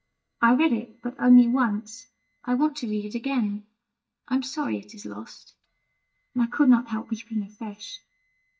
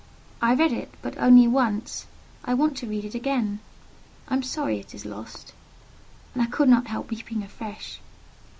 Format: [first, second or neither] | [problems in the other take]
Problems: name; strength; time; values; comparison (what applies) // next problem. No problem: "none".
second | noise reduction (neural mask model DeepFilterNet 3)